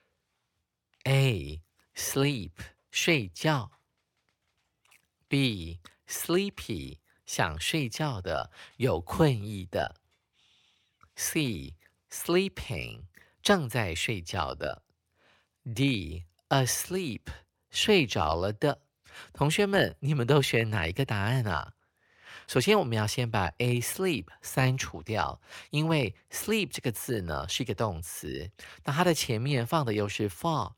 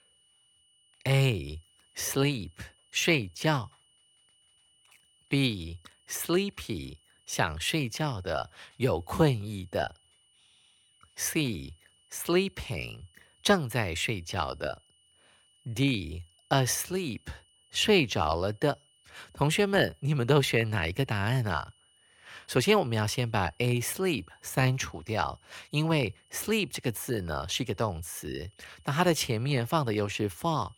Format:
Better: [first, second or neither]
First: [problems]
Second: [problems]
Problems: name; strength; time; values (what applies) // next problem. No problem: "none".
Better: first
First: none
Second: high-pitched whine; faint; throughout; 3 kHz, 35 dB below the speech